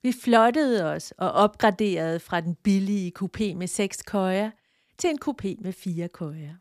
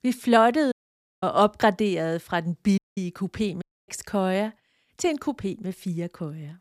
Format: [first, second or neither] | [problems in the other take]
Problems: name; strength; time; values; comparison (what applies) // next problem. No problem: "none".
first | audio cutting out; at 0.5 s for 0.5 s, at 3 s and at 3.5 s